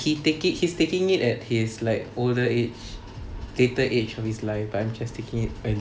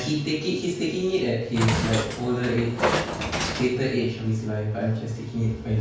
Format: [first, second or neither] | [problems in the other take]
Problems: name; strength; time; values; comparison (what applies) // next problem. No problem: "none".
first | background sound (Train); 6 dB below the speech // room echo; dies away in 0.5 s